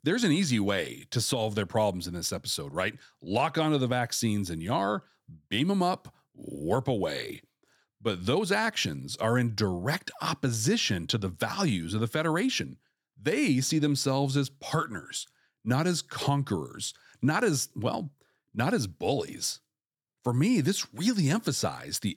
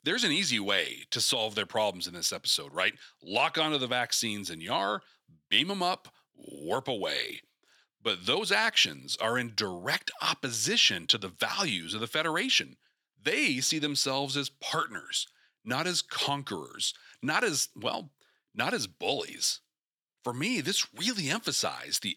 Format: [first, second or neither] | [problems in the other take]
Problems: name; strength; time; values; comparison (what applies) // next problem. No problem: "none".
first | thin; somewhat; fading below 1 kHz